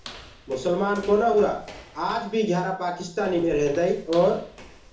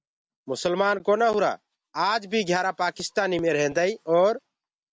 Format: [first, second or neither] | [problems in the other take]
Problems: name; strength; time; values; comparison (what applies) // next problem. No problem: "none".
second | background sound (Walk, footsteps); 19 dB below the speech // room echo; dies away in 0.7 s